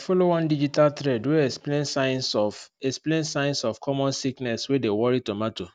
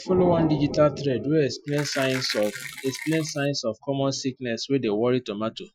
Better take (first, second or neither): first